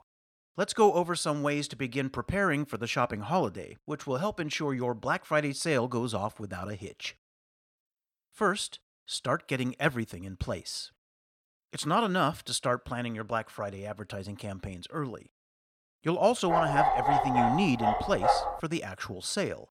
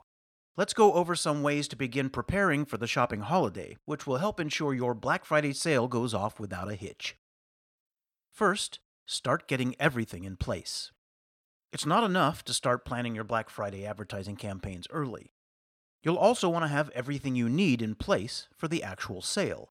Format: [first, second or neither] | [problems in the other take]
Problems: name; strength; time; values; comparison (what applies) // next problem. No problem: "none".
second | dog barking; loud; from 16 to 19 s; peak 6 dB above the speech